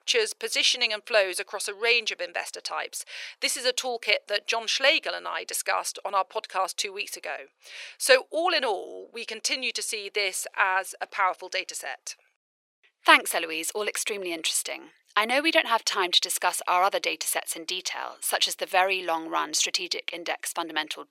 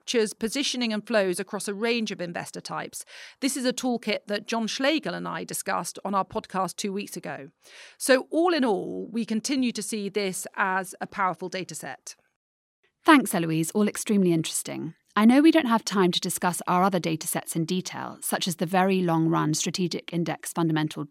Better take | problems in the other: second | thin; very; fading below 500 Hz

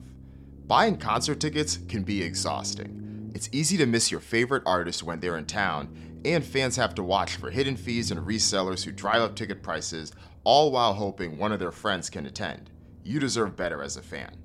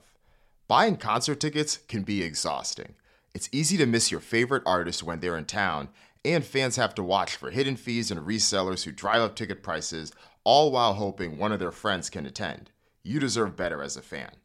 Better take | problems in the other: second | low rumble; faint; throughout; 25 dB below the speech

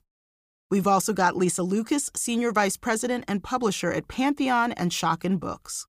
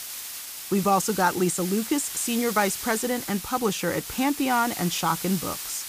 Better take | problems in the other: first | hiss; loud; throughout; 7 dB below the speech

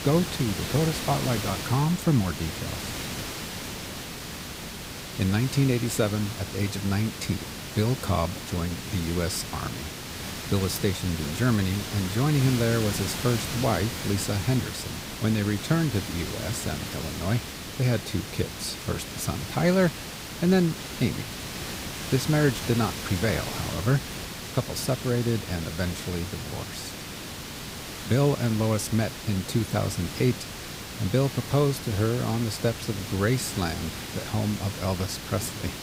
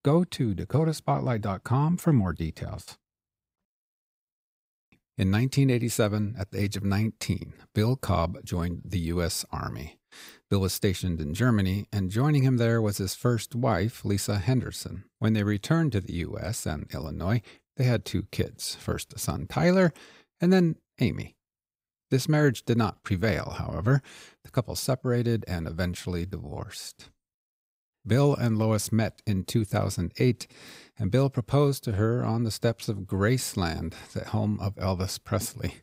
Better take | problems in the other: second | hiss; loud; throughout; 7 dB below the speech

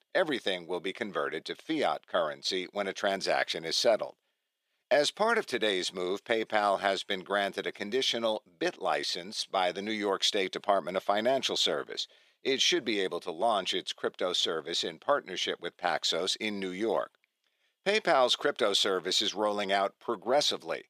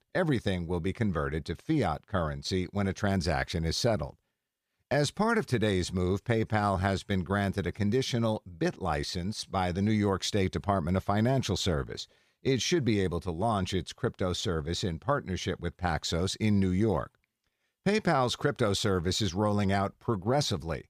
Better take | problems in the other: second | thin; very; fading below 300 Hz

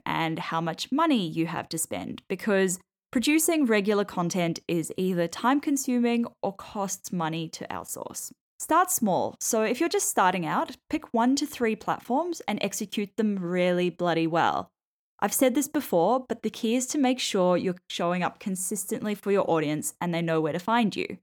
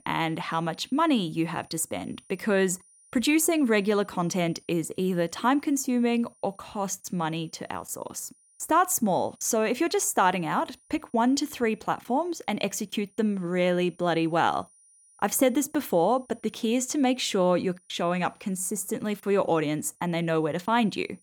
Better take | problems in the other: first | high-pitched whine; faint; throughout; 9.5 kHz, 30 dB below the speech

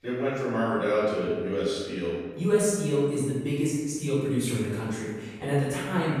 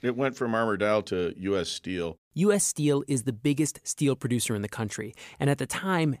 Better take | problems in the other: second | off-mic speech; far // room echo; strong; dies away in 1.4 s

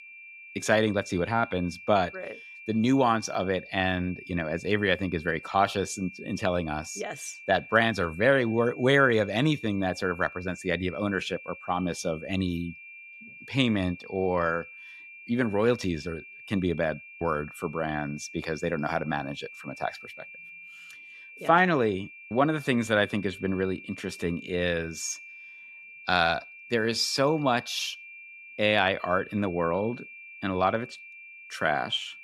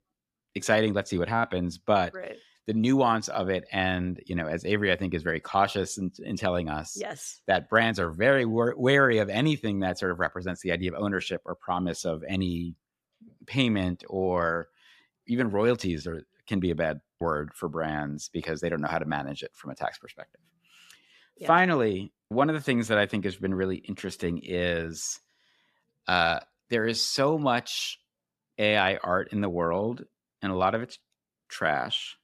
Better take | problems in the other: second | high-pitched whine; noticeable; throughout; 2.5 kHz, 15 dB below the speech

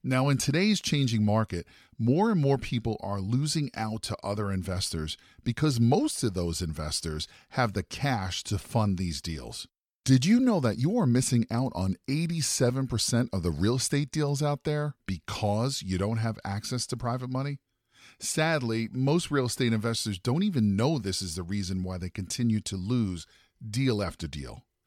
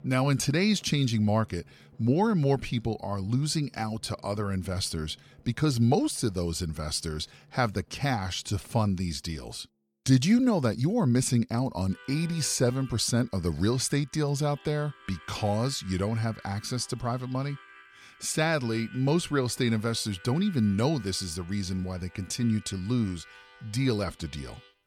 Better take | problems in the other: first | background music; faint; throughout; 25 dB below the speech

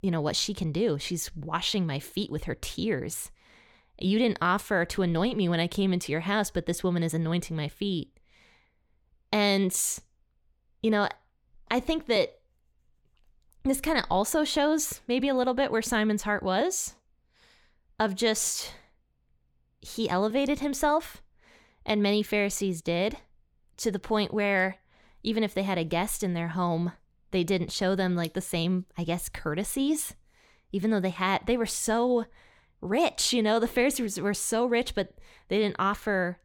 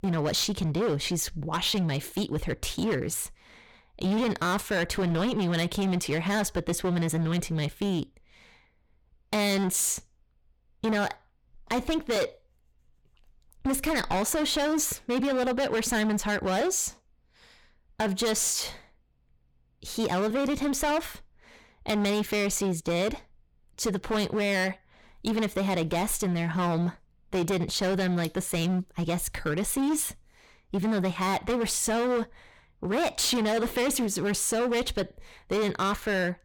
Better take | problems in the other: first | distortion; heavy; 17% of the sound clipped

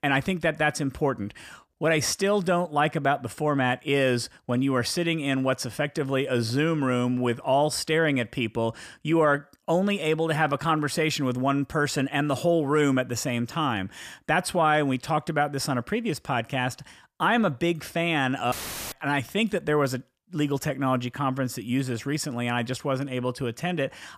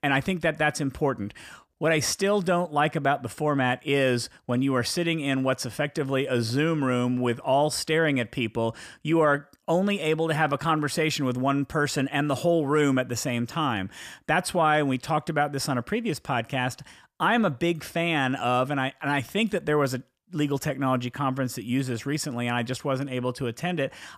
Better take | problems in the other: second | audio cutting out; filled with static; at 19 s

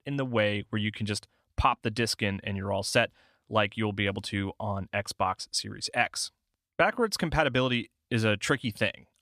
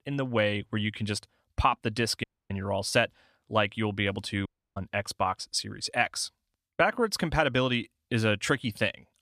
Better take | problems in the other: first | audio cutting out; at 2 s and at 4.5 s

